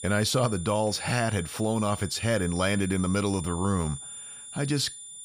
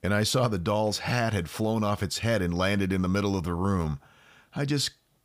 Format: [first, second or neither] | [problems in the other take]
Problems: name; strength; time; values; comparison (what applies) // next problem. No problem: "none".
second | high-pitched whine; noticeable; throughout; 9.5 kHz, 10 dB below the speech